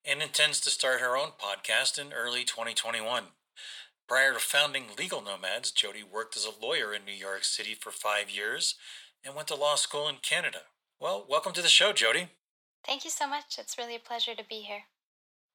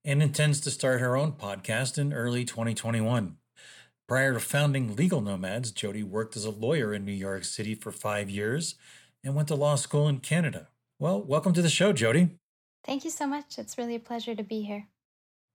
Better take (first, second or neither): second